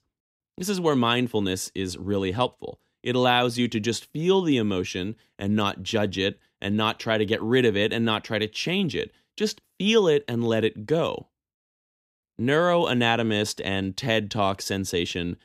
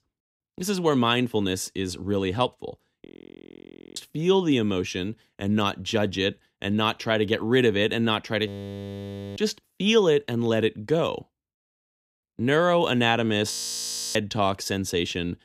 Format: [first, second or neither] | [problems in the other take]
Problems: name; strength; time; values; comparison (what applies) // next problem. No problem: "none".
first | audio freezing; at 3 s for 1 s, at 8.5 s for 1 s and at 14 s for 0.5 s